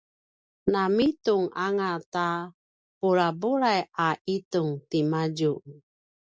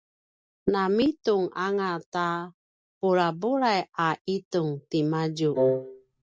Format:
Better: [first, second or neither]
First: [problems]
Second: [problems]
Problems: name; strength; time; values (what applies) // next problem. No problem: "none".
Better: first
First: none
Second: background sound (Wind instrument, woodwind instrument); 1 dB above the speech